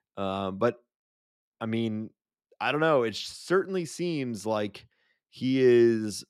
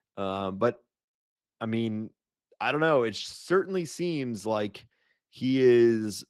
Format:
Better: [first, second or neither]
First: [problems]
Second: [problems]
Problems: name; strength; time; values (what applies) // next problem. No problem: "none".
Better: first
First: none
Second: garbled, watery; slightly; nothing above 16 kHz